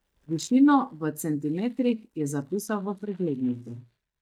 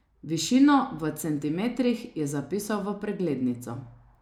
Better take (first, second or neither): second